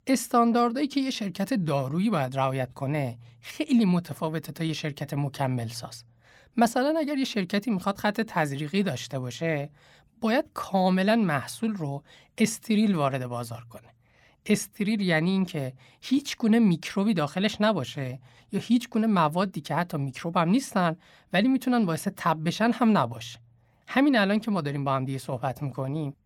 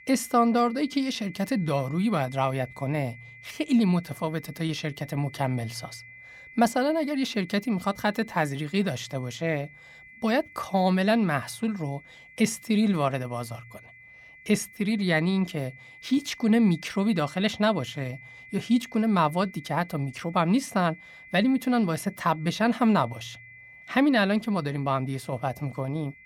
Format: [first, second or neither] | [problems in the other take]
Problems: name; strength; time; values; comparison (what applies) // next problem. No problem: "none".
first | high-pitched whine; faint; throughout; 2 kHz, 20 dB below the speech